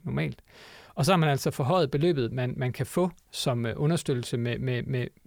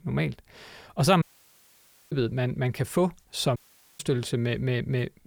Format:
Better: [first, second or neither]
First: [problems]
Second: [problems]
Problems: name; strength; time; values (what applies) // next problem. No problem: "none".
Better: first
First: none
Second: audio cutting out; at 1 s for 1 s and at 3.5 s